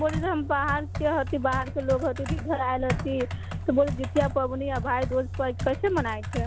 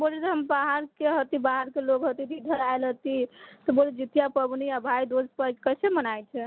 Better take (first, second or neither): second